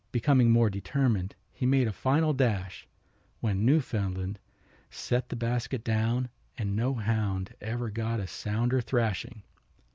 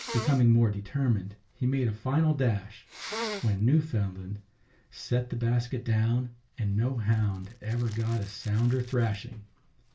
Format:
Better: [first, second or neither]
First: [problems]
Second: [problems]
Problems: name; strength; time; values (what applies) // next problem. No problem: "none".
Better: first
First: none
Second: background sound (Sneeze); 17 dB below the speech // room echo; dies away in 0.2 s